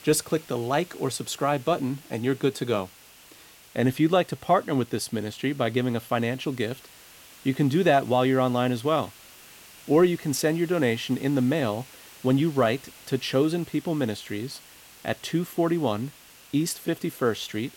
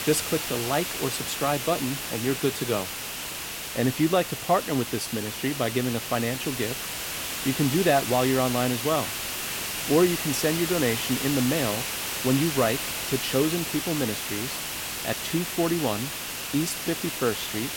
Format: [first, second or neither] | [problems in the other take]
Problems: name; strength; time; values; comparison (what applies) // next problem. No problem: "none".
first | hiss; loud; throughout; 3 dB below the speech; faint in the first